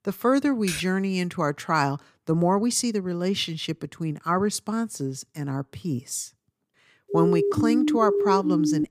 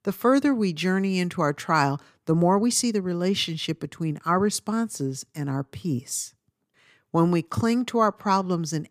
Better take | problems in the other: second | keyboard typing; noticeable; at 0.5 s; peak 6 dB below the speech // siren; loud; from 7 s on; peak 3 dB above the speech

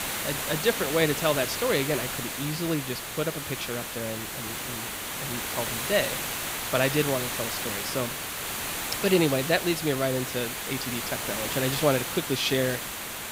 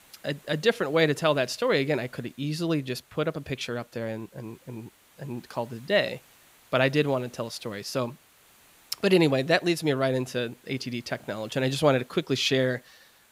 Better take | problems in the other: second | hiss; loud; throughout; 2 dB below the speech; faint in the second

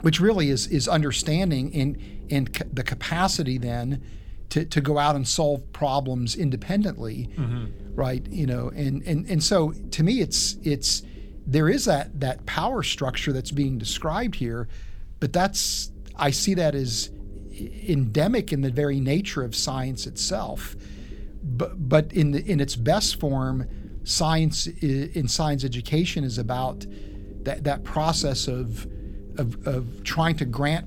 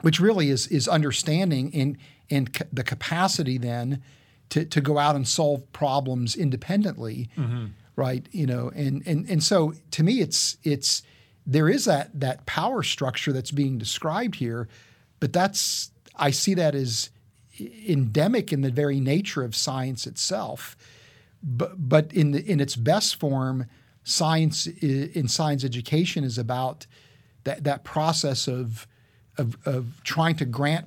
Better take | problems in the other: second | low rumble; faint; throughout; 25 dB below the speech

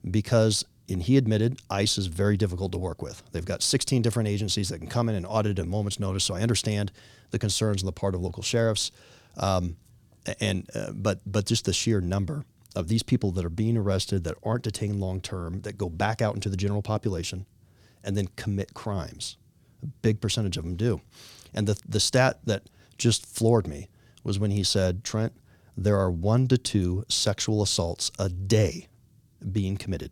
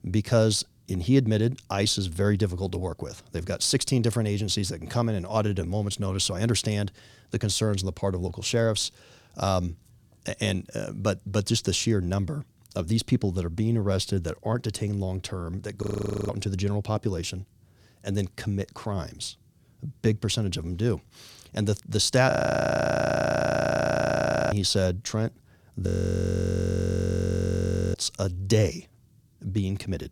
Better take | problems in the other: first | audio freezing; at 16 s, at 22 s for 2 s and at 26 s for 2 s

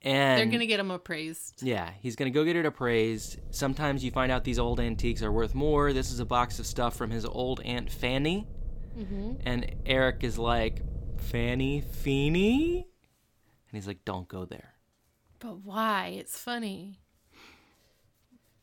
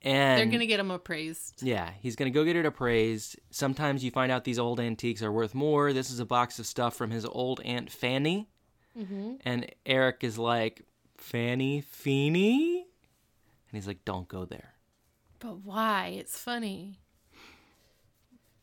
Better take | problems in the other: second | low rumble; faint; from 3 to 13 s; 25 dB below the speech

